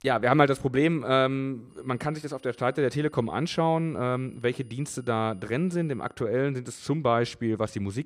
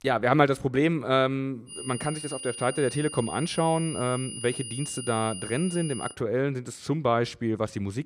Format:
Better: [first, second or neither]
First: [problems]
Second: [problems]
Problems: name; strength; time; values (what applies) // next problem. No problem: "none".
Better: first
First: high-pitched whine; faint; from 1.5 to 6 s; 9.5 kHz, 35 dB below the speech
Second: high-pitched whine; loud; from 1.5 to 6 s; 9.5 kHz, 9 dB below the speech